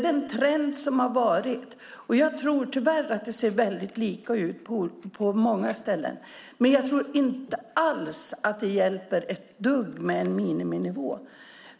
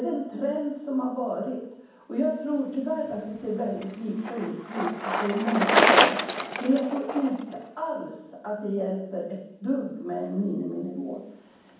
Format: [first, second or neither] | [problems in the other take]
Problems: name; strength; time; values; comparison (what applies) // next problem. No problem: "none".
first | background sound (Bicycle); 1 dB below the speech // room echo; dies away in 1.2 s